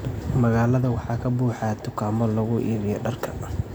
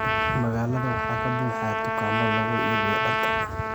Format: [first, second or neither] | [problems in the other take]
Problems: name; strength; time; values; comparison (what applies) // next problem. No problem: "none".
first | background sound (Trumpet); 3 dB above the speech